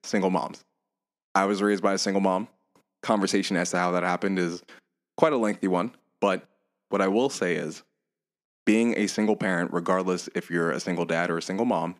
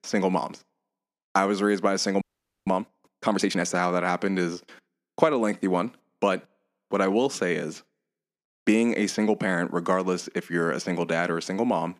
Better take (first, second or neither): first